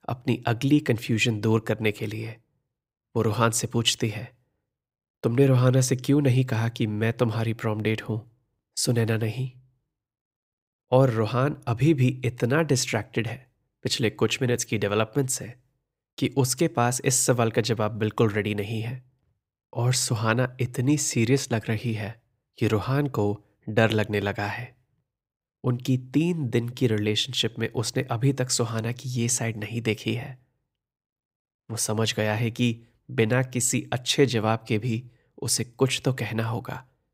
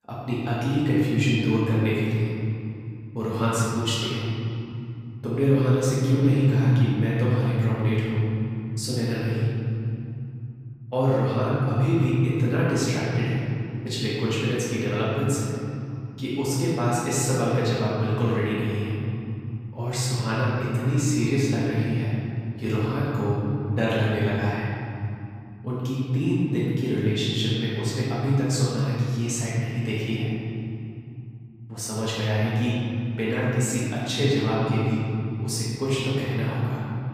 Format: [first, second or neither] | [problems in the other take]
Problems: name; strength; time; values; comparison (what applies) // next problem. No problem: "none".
first | room echo; strong; dies away in 3 s // off-mic speech; far